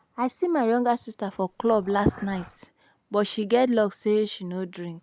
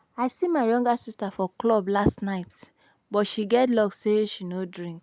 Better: second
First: background sound (Dog); 20 dB below the speech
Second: none

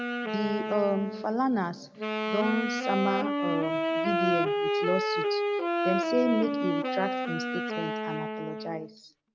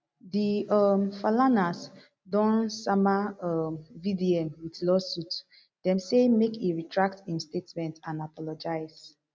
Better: second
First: background sound (Wind instrument, woodwind instrument); 1 dB above the speech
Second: none

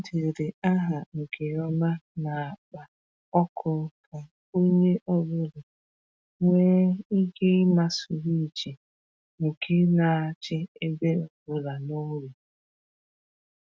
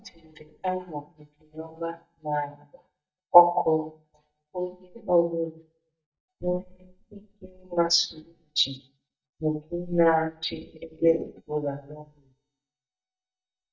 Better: first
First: none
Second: noise reduction (neural mask model DeepFilterNet 3)

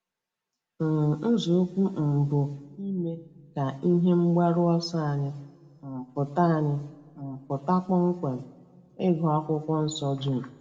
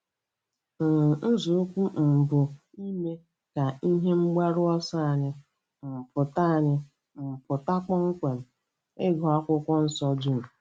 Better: second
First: room echo; dies away in 1.2 s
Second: none

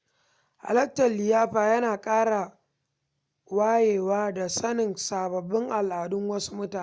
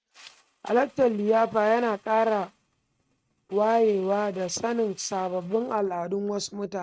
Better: first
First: none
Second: noise reduction (neural mask model RNNoise)

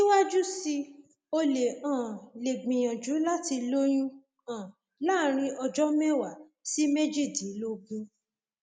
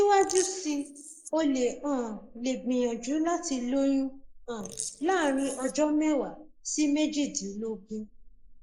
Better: first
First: none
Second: noise reduction (neural mask model Resemble Enhance denoiser)

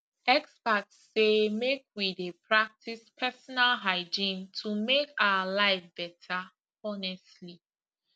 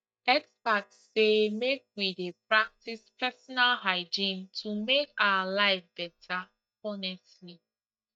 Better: first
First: none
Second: noise reduction (neural mask model DeepFilterNet 3)

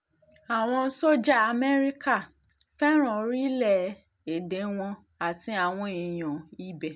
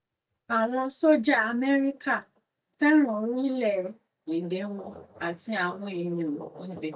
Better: first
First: none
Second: noise reduction (neural mask model DeepFilterNet 3)

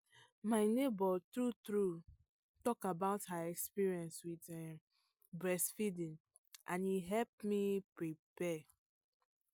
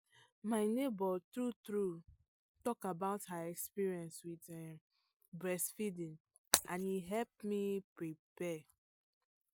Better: first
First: none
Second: noise reduction (neural mask model Resemble Enhance denoiser)

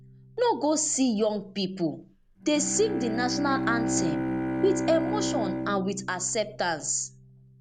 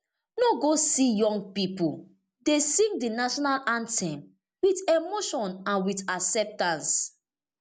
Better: second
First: background sound (Bowed string instrument); 4 dB below the speech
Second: none

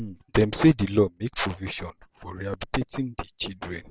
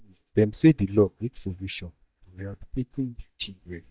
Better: first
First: none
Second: noise reduction (neural mask model DeepFilterNet 3)

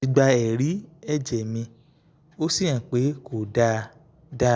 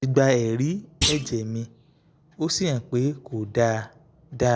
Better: first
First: none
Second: background sound (Thump, thud); 6 dB below the speech

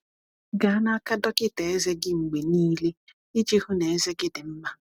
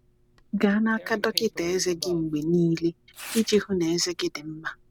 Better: first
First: none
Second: background sound (Tearing); 19 dB below the speech

